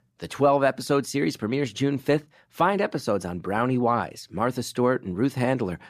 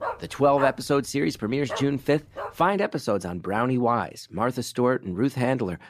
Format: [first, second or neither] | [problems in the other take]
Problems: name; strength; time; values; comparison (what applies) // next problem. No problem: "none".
first | dog barking; noticeable; until 2.5 s; peak 8 dB below the speech